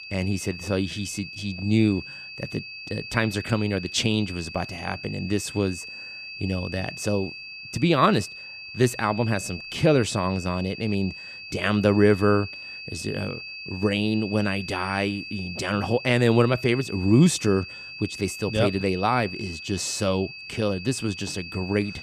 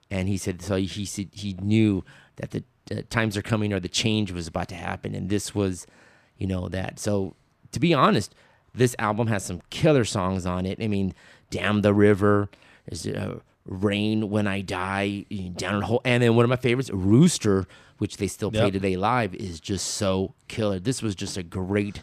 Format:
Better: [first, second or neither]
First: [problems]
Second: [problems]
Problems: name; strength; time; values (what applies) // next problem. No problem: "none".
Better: second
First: high-pitched whine; noticeable; throughout; 2.5 kHz, 10 dB below the speech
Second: none